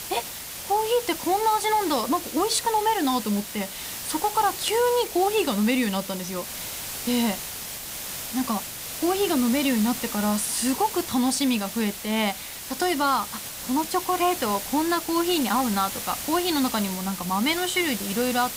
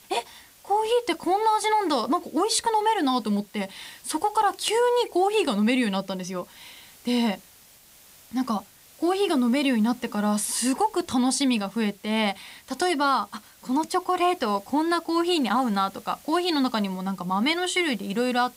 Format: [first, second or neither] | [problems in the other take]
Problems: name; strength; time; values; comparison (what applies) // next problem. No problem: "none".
second | hiss; loud; throughout; 7 dB below the speech; faint in the second